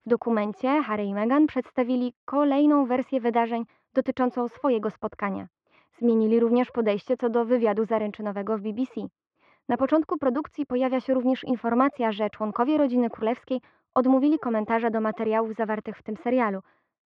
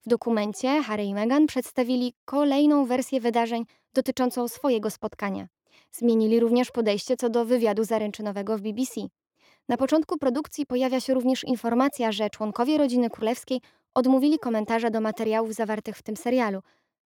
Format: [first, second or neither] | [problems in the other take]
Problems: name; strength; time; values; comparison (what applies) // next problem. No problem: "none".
second | muffled; very; fading above 2.5 kHz